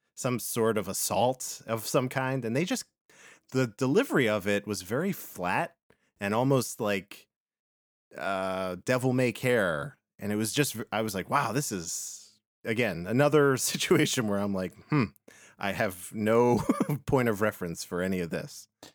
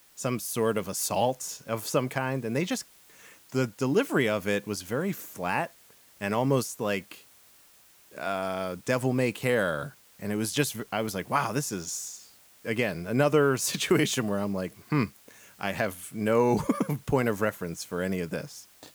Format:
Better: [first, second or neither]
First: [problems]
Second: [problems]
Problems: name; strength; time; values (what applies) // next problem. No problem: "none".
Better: first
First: none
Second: hiss; faint; throughout; 25 dB below the speech